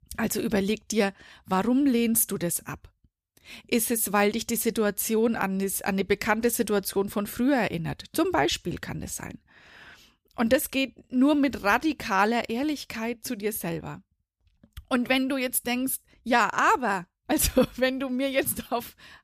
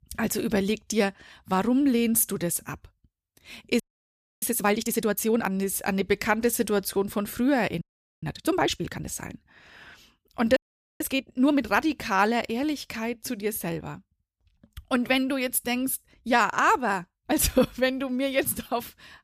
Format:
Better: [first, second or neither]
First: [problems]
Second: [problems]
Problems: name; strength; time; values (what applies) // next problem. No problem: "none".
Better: first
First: none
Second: audio freezing; at 4 s for 0.5 s, at 8 s and at 11 s